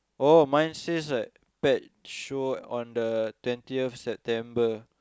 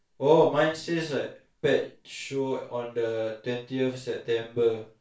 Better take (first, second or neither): first